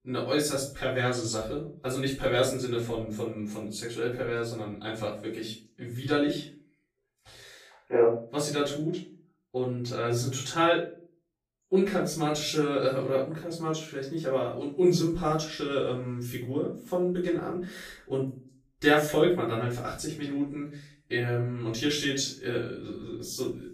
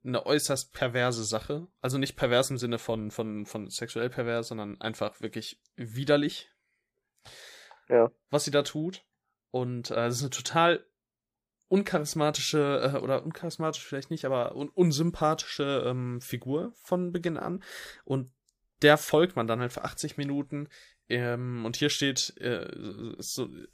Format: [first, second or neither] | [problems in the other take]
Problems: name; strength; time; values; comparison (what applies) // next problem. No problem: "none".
second | room echo; noticeable; dies away in 0.4 s // off-mic speech; far